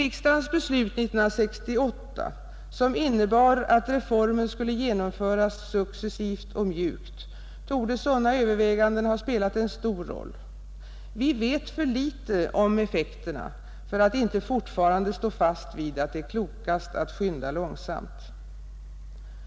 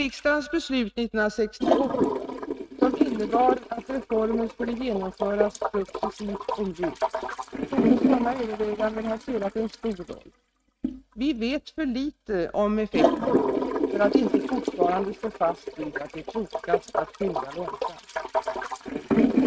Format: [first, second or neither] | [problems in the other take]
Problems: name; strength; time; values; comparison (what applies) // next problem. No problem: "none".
first | noise reduction (neural mask model RNNoise)